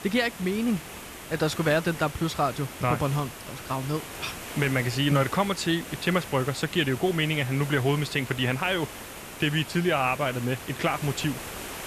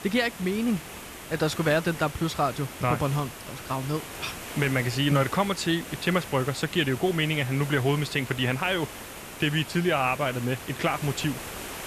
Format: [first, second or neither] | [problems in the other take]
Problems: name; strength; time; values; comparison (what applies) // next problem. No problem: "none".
neither | hiss; noticeable; throughout; 10 dB below the speech; the same in both